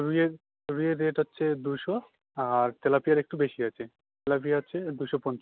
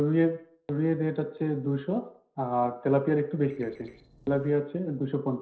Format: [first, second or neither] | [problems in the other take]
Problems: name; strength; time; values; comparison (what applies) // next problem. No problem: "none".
first | noise reduction (neural separator model SepFormer DNS4)